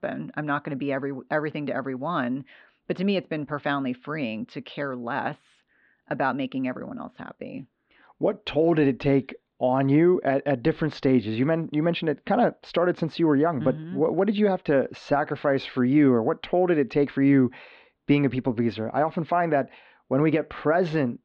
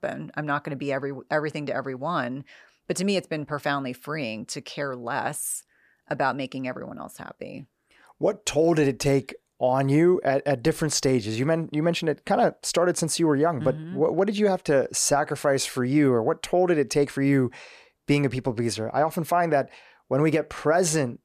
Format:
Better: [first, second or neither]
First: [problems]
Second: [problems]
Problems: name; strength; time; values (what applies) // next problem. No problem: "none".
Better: second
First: muffled; very; fading above 3.5 kHz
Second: none